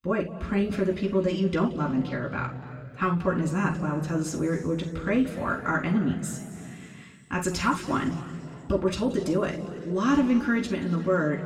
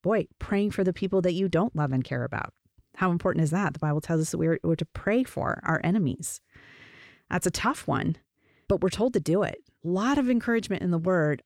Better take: second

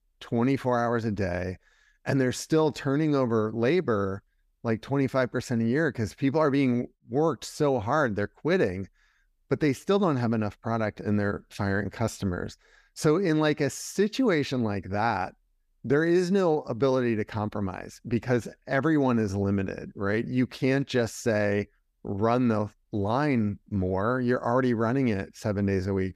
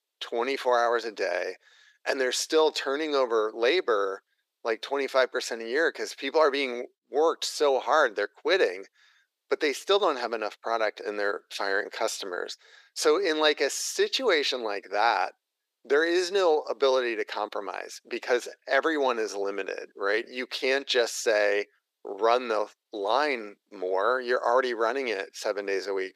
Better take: first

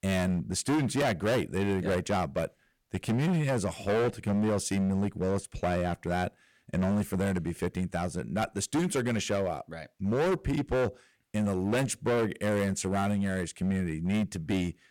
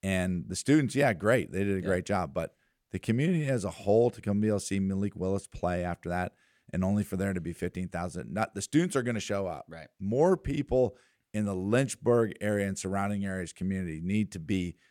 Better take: second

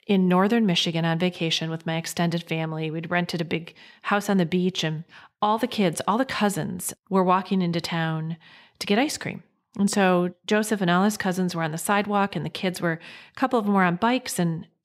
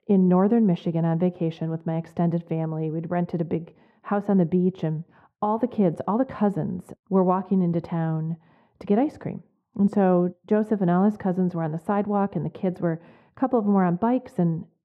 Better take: first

